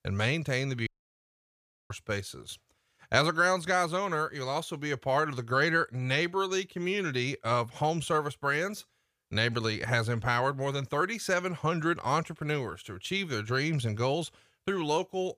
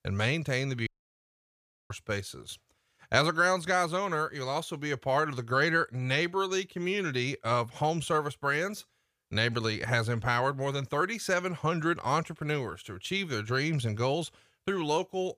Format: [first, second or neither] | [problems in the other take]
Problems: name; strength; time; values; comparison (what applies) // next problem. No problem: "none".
neither | audio cutting out; at 1 s for 1 s; the same in both